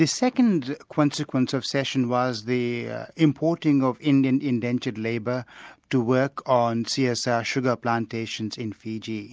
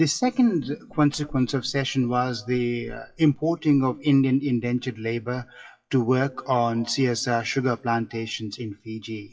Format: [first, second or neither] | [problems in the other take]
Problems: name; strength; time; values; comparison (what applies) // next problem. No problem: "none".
first | noise reduction (classical method WPE with log-MMSE)